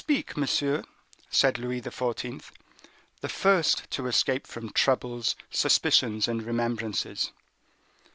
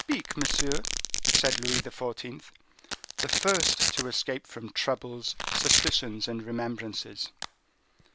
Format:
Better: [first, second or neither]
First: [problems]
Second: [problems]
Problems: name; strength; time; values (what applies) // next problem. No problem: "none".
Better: first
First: none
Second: background sound (Domestic sounds, home sounds); 1 dB above the speech